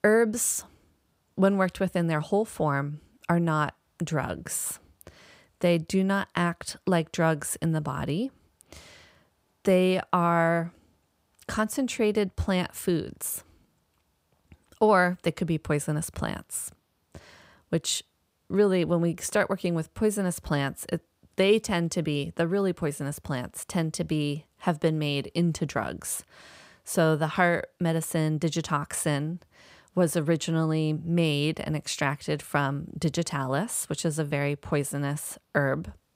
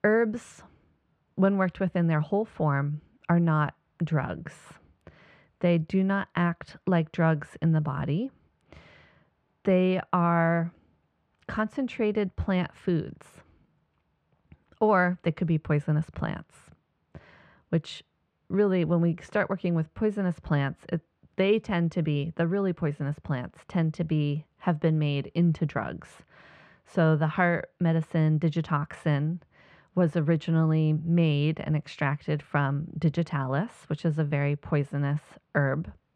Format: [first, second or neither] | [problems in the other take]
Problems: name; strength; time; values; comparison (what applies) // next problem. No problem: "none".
first | muffled; very; fading above 2 kHz